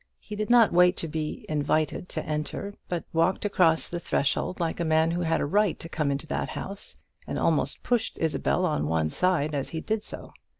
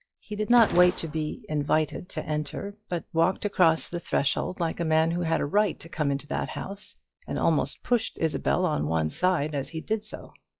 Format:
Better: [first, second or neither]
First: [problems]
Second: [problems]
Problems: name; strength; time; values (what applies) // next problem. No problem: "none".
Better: first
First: none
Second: noise reduction (classical method log-MMSE)